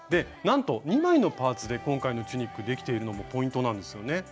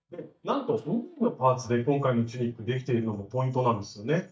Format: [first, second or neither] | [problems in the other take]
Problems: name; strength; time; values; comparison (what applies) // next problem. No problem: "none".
first | noise reduction (neural mask model DeepFilterNet 3)